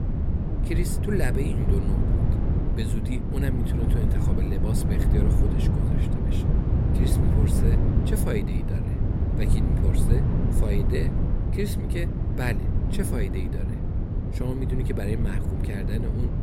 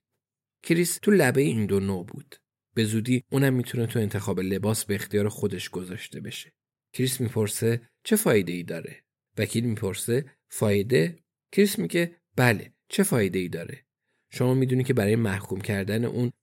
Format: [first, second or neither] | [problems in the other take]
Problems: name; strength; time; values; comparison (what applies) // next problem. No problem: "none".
second | wind noise on the microphone; heavy; as loud as the speech